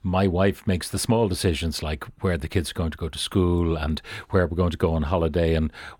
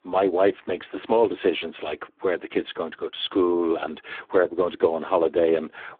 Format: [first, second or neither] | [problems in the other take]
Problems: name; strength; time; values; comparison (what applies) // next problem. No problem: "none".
first | phone-call audio; poor line; nothing above 3.5 kHz